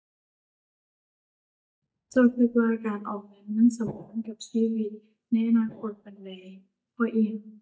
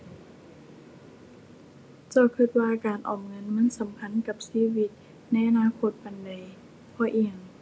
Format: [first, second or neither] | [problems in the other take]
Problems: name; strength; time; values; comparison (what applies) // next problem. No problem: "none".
second | noise reduction (neural mask model DeepFilterNet 3)